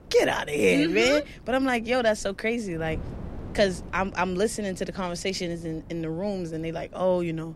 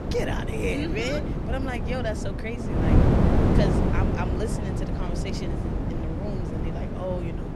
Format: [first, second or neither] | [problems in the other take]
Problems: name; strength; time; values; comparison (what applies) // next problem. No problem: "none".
first | wind noise on the microphone; heavy; 1 dB above the speech; occasional gusts in the first